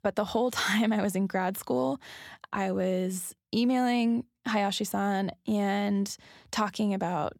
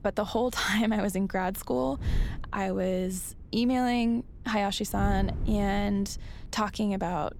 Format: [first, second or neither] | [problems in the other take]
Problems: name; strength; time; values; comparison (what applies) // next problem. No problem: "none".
first | wind noise on the microphone; occasional gusts; 20 dB below the speech